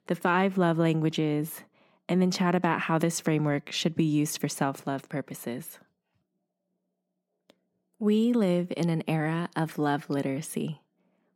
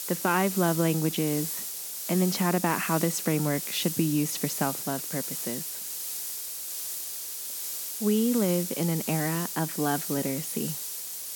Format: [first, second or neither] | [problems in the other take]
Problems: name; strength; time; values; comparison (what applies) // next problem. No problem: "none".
first | hiss; loud; throughout; 4 dB below the speech